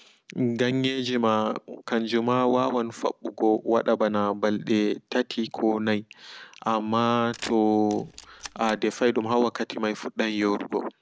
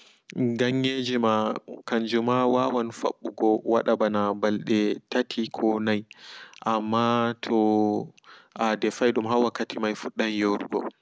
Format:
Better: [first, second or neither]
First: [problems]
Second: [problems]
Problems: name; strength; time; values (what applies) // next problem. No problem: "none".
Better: second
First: background sound (Camera); 18 dB below the speech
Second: none